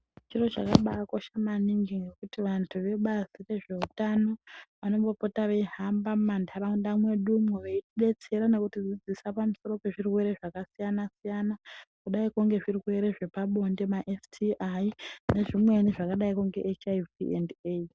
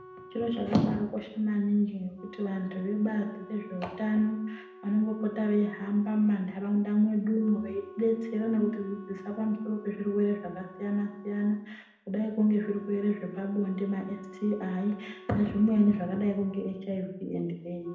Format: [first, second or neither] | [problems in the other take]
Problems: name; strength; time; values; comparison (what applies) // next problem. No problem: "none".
first | background sound (Wind instrument, woodwind instrument); 19 dB below the speech // room echo; dies away in 0.7 s